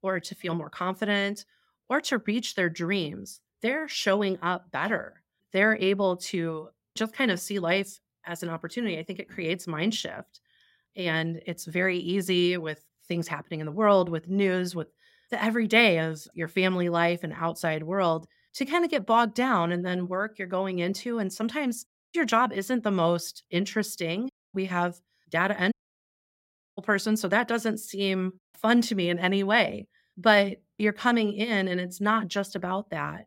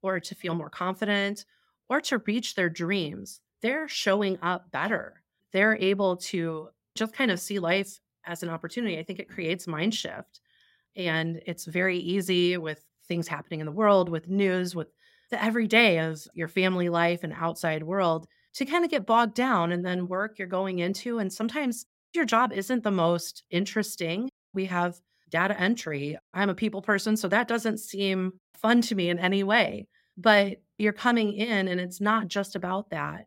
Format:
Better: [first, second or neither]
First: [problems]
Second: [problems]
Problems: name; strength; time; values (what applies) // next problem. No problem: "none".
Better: second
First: audio cutting out; at 26 s for 1 s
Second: none